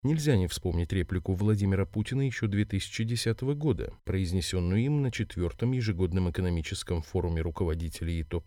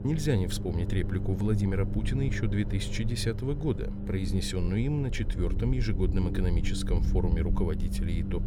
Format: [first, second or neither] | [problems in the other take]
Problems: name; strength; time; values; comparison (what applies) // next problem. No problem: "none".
first | low rumble; loud; throughout; 8 dB below the speech